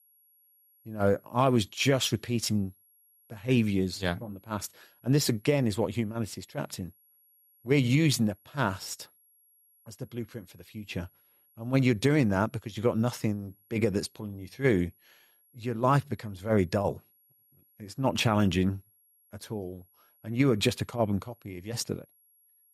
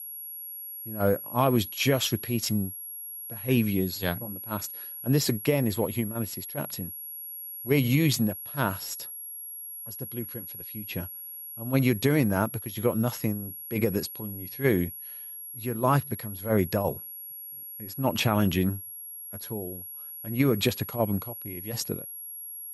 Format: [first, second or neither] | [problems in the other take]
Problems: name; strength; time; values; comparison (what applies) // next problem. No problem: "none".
first | high-pitched whine; loud; throughout; 11.5 kHz, 9 dB below the speech; faint in the first